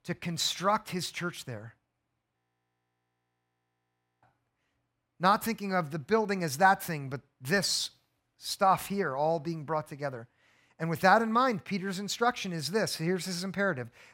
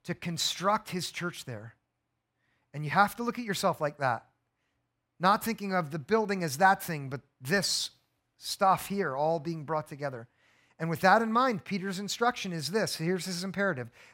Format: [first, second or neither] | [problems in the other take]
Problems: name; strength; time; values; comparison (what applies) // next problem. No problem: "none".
second | audio freezing; at 2.5 s for 2 s